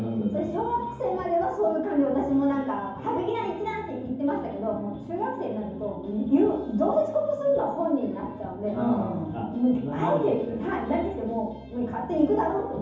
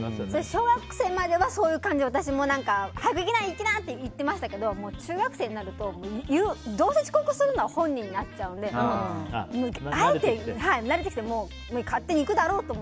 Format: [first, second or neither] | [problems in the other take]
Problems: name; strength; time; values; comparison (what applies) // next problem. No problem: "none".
second | room echo; dies away in 0.9 s